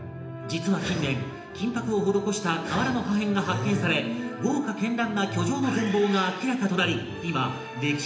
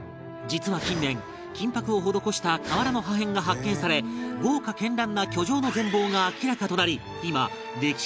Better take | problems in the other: second | room echo; dies away in 0.8 s

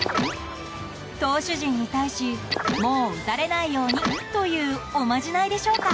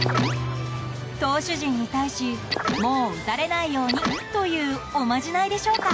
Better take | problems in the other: first | background sound (Piano); 10 dB below the speech

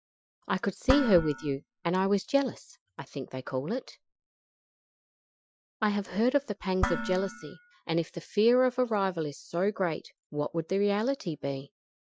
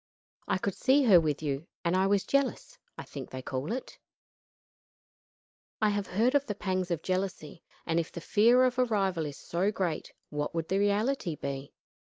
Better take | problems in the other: second | noise reduction (classical method Wiener filter)

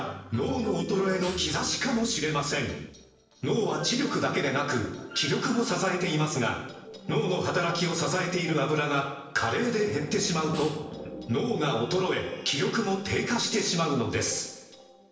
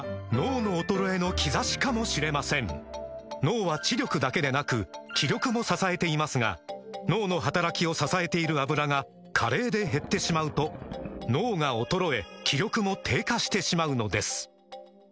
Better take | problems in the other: second | noise reduction (neural separator model SepFormer DNS4)

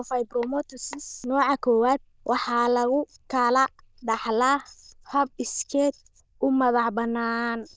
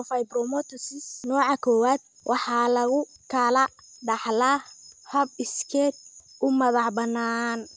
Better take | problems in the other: second | noise reduction (neural diffusion model UNIVERSE++)

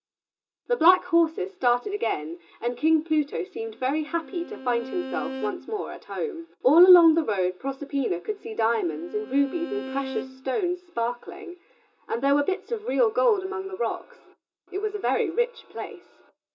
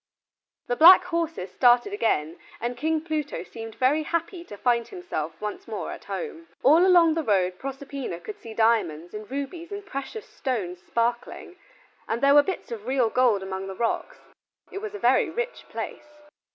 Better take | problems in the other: second | background sound (Bowed string instrument); 13 dB below the speech // room echo; dies away in 0.2 s

